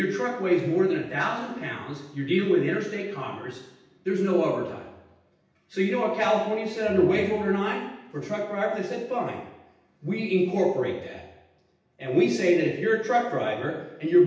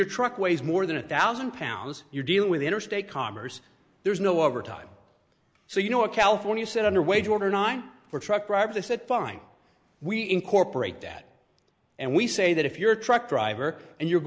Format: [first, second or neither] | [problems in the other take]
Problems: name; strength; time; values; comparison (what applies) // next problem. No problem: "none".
second | room echo; dies away in 0.9 s